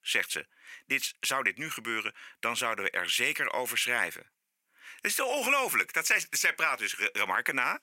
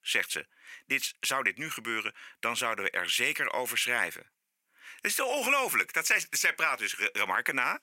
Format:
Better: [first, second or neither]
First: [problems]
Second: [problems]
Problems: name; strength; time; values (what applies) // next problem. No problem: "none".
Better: neither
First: thin; somewhat; fading below 350 Hz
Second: thin; somewhat; fading below 350 Hz